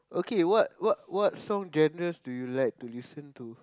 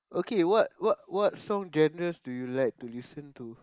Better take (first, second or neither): first